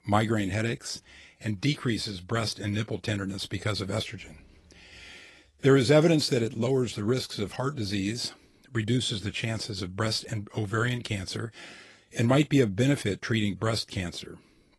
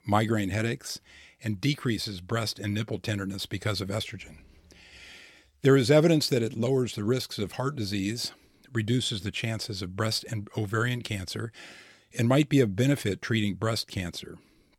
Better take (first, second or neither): second